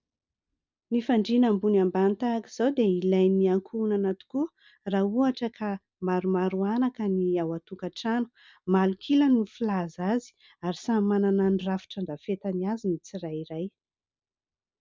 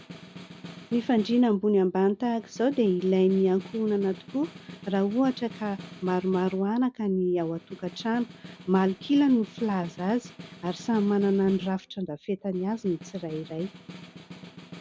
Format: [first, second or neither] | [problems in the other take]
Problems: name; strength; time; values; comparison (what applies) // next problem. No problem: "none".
first | background sound (Snare drum); 19 dB below the speech